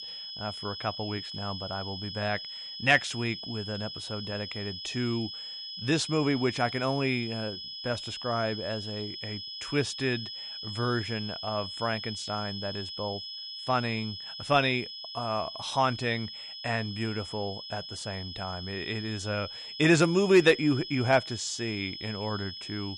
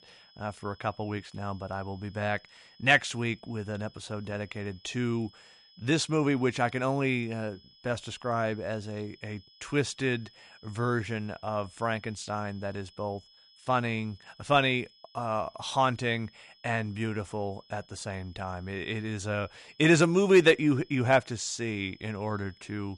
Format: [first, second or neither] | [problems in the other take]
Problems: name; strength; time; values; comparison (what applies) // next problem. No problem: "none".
second | high-pitched whine; loud; throughout; 5 kHz, 7 dB below the speech; faint in the second